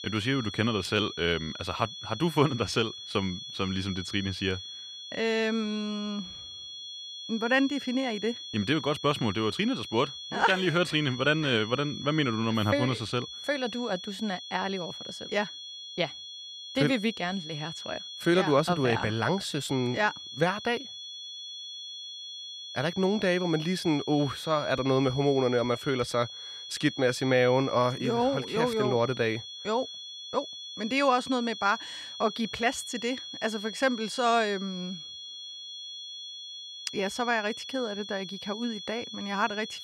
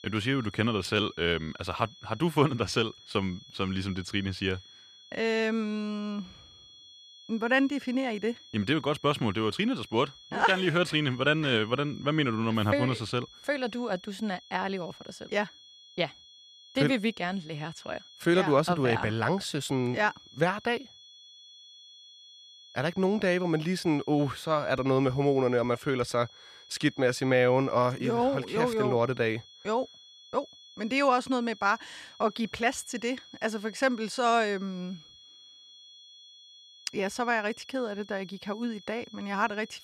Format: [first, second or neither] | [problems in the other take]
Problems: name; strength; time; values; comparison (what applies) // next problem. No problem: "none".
second | high-pitched whine; loud; throughout; 3.5 kHz, 10 dB below the speech; faint in the second